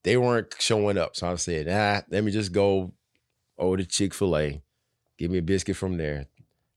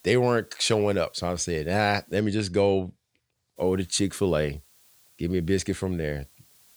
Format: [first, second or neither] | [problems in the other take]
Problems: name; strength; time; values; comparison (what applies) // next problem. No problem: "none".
first | hiss; faint; until 2 s and from 3.5 s on; 30 dB below the speech